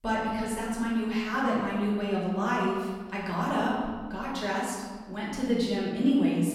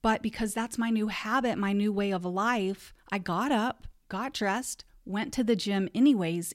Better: second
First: room echo; noticeable; dies away in 1.4 s // off-mic speech; far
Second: none

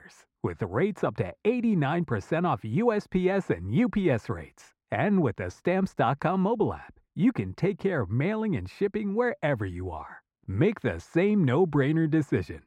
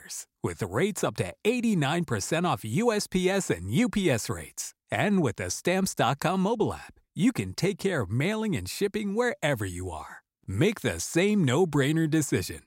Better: second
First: muffled; very; fading above 4 kHz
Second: none

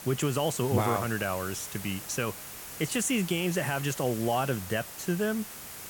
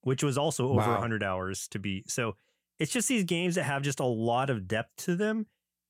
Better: second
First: hiss; loud; throughout; 10 dB below the speech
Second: none

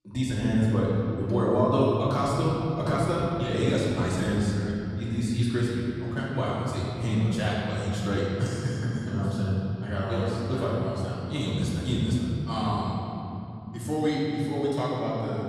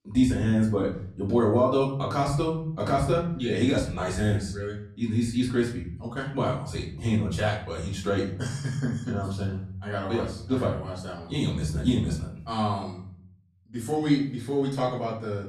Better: second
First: room echo; strong; dies away in 3 s // off-mic speech; far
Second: room echo; slight; dies away in 0.6 s // off-mic speech; far

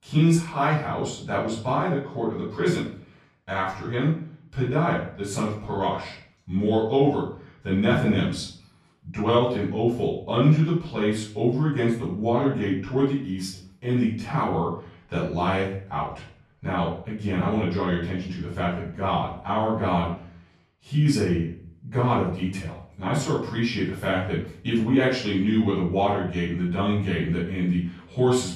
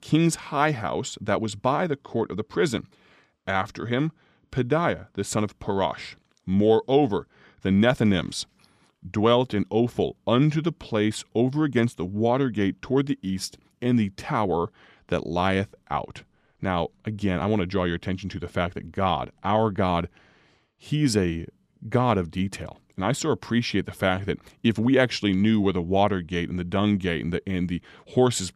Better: second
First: off-mic speech; far // room echo; noticeable; dies away in 0.5 s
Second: none

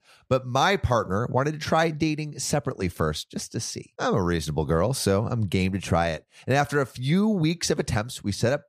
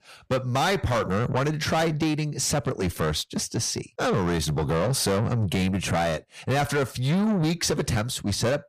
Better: first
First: none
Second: distortion; heavy; 7 dB below the speech

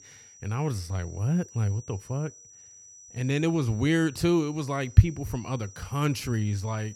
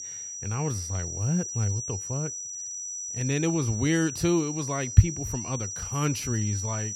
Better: first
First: high-pitched whine; faint; throughout; 6 kHz, 20 dB below the speech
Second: high-pitched whine; loud; throughout; 6 kHz, 5 dB below the speech

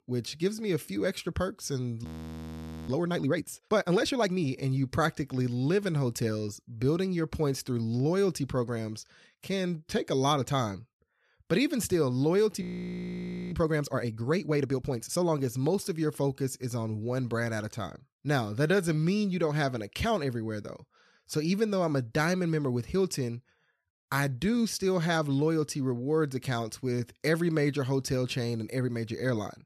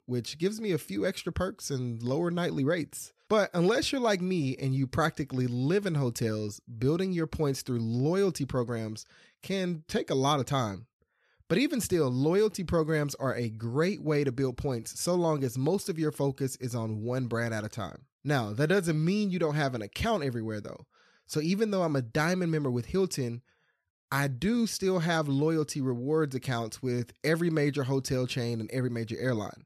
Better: second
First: audio freezing; at 2 s for 1 s and at 13 s for 1 s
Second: none

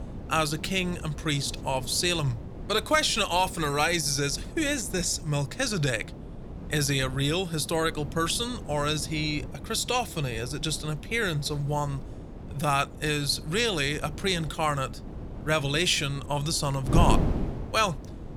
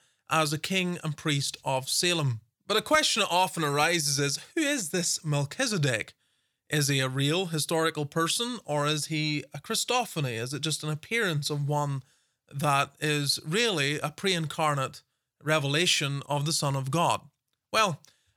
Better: second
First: wind noise on the microphone; occasional gusts; 15 dB below the speech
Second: none

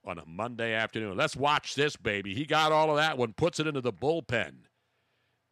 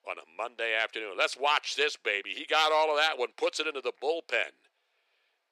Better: first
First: none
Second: thin; very; fading below 400 Hz

